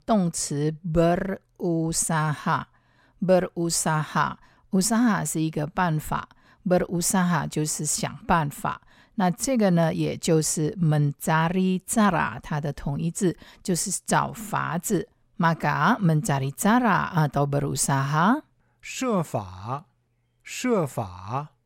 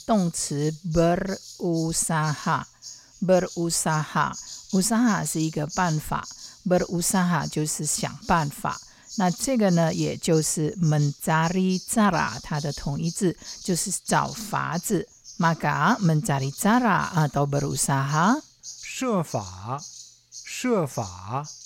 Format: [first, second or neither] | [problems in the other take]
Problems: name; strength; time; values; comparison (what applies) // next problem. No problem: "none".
first | animal sounds; noticeable; throughout; 15 dB below the speech